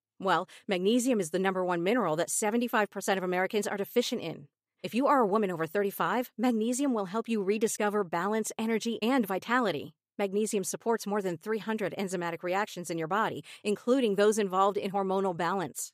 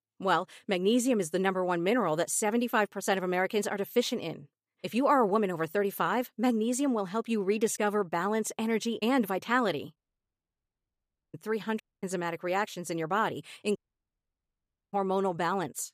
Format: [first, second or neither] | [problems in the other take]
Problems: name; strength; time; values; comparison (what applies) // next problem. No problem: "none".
first | audio cutting out; at 10 s for 1.5 s, at 12 s and at 14 s for 1 s